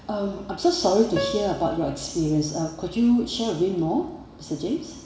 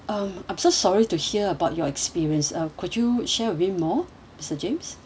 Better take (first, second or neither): second